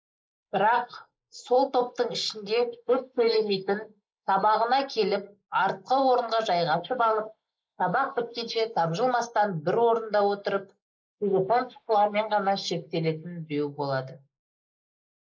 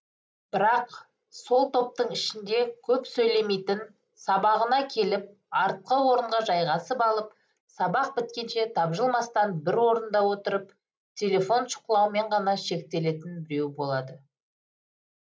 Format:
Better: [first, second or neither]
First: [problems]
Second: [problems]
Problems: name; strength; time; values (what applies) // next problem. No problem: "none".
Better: second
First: noise reduction (neural mask model Resemble Enhance denoiser)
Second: none